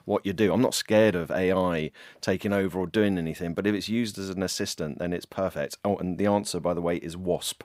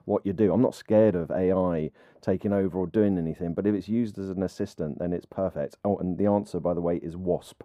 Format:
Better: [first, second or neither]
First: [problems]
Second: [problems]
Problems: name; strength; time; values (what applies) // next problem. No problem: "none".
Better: first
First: none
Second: muffled; very; fading above 1.5 kHz